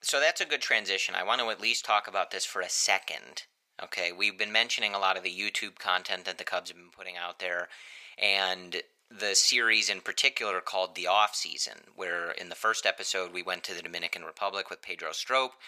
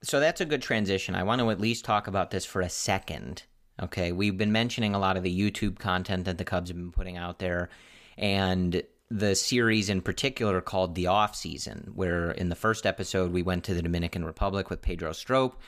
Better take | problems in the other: second | thin; very; fading below 750 Hz

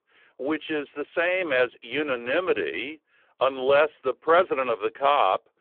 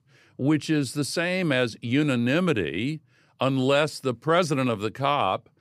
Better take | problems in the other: second | phone-call audio; poor line

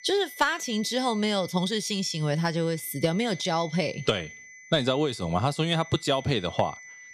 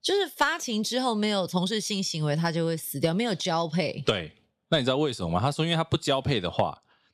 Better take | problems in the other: second | high-pitched whine; noticeable; throughout; 2 kHz, 20 dB below the speech

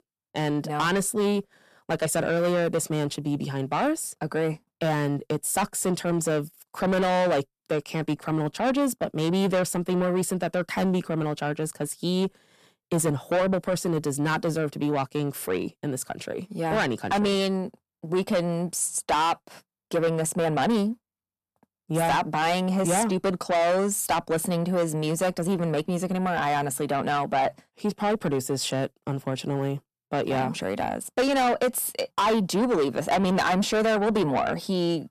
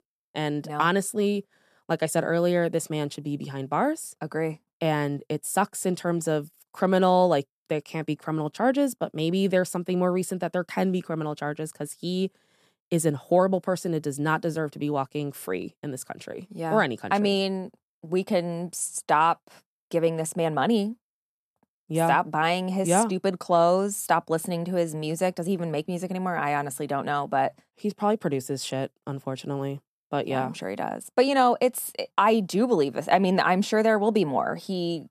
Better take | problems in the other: second | distortion; heavy; 7 dB below the speech

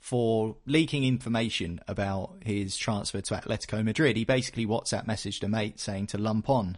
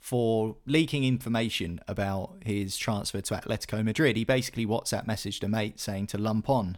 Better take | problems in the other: second | garbled, watery; slightly; nothing above 10.5 kHz

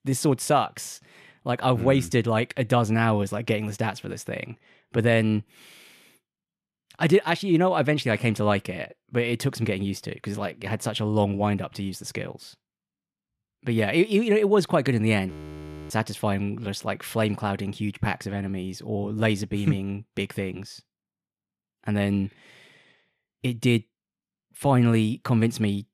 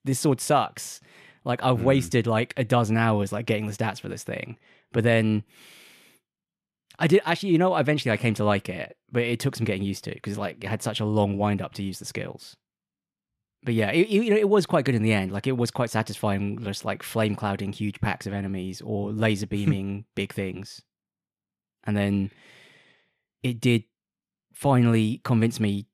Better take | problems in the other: second | audio freezing; at 15 s for 0.5 s

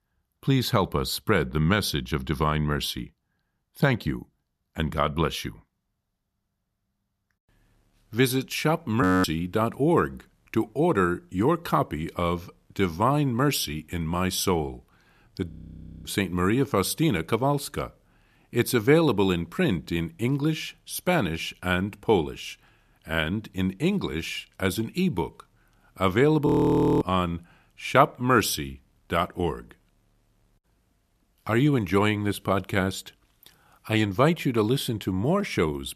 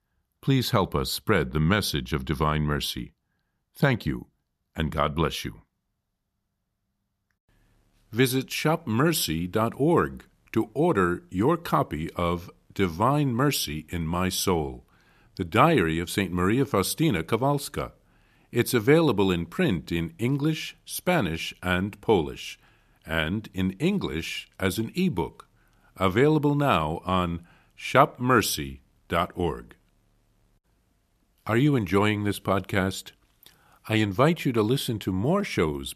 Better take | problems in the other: second | audio freezing; at 9 s, at 16 s for 0.5 s and at 26 s for 0.5 s

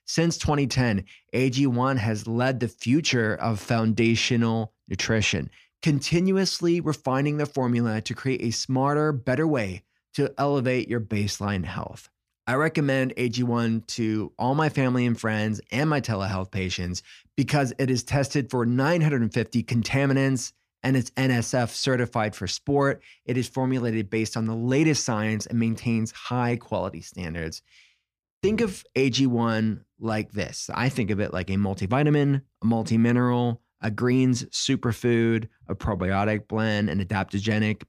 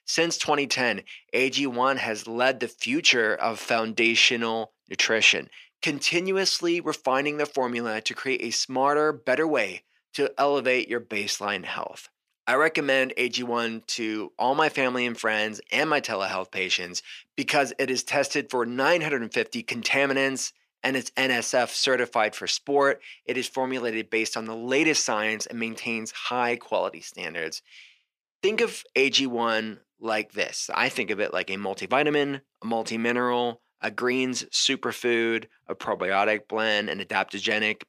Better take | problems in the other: first | thin; somewhat; fading below 450 Hz

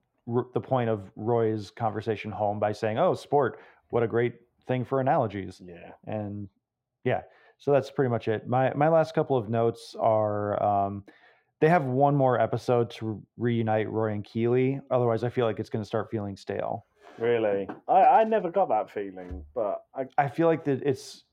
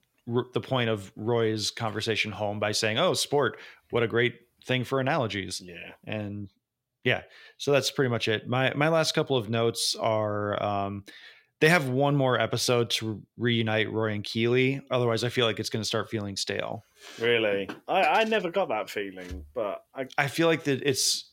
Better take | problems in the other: second | muffled; very; fading above 2 kHz

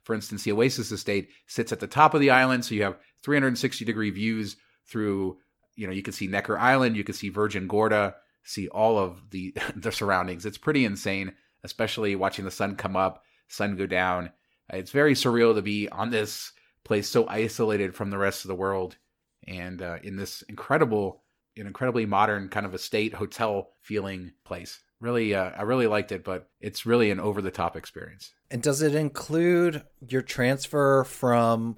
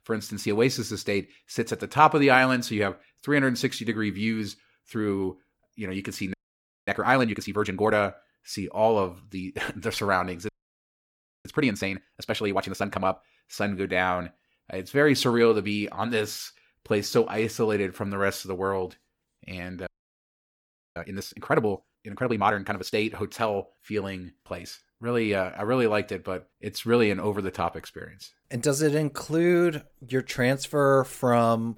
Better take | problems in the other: first | audio freezing; at 6.5 s for 0.5 s, at 10 s for 1 s and at 20 s for 1 s

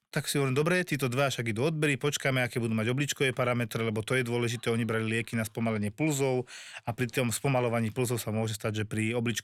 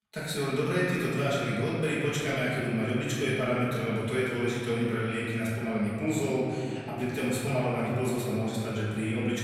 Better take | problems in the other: first | room echo; strong; dies away in 2.8 s // off-mic speech; far

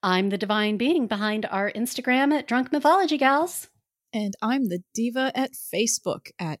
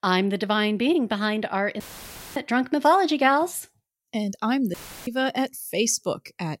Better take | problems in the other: first | audio cutting out; filled with static; at 2 s for 0.5 s and at 4.5 s

